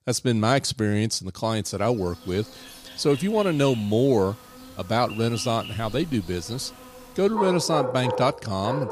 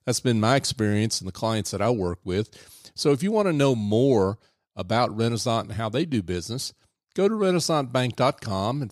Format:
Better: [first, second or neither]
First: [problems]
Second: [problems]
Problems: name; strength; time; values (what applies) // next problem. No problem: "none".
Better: second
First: animal sounds; noticeable; from 2 s on; 10 dB below the speech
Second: none